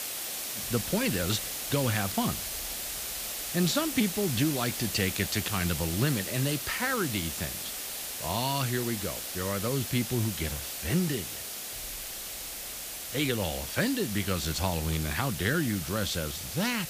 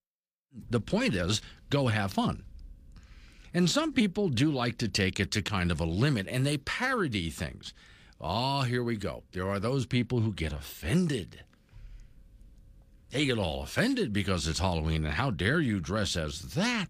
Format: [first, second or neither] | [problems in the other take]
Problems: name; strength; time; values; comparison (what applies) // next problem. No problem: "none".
second | hiss; loud; throughout; 4 dB below the speech